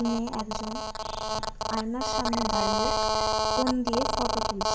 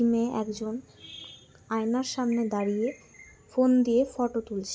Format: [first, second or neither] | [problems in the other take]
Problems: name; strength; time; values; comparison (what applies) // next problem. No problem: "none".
second | background sound (Telephone); 4 dB above the speech // room echo; dies away in 0.5 s